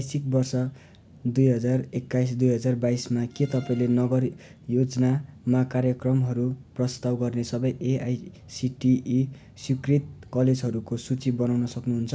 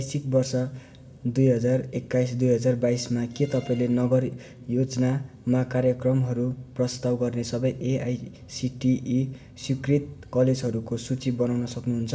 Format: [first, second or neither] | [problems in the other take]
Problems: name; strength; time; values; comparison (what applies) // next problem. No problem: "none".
first | room echo; dies away in 1.1 s